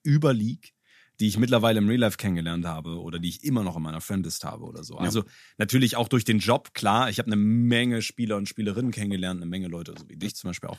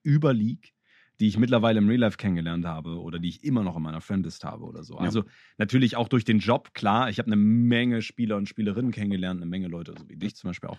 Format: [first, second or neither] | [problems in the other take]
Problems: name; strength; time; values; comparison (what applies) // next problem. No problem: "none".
first | muffled; slightly; fading above 3.5 kHz